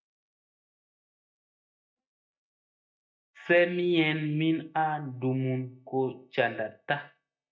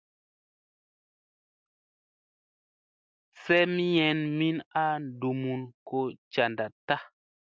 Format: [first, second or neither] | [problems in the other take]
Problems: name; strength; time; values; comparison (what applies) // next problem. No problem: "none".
second | noise reduction (neural mask model DeepFilterNet 3)